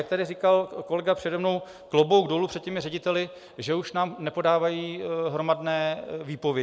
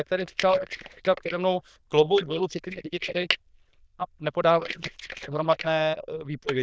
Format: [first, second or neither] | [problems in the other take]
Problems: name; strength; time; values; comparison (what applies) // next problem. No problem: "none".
first | noise reduction (neural diffusion model UNIVERSE++)